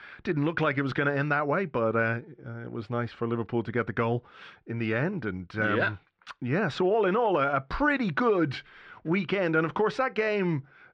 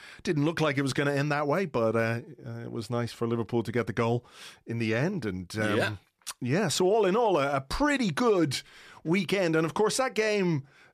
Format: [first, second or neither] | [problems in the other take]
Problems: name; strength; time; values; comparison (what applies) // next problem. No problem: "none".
second | muffled; slightly; fading above 3 kHz